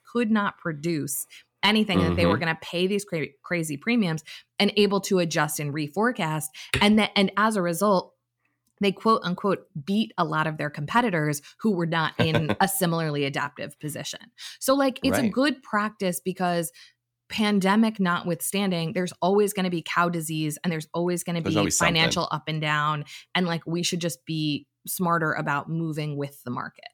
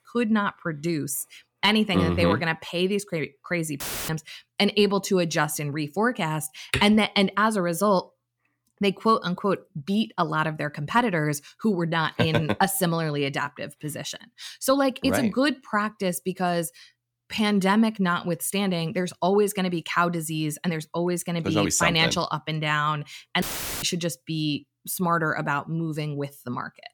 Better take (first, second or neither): first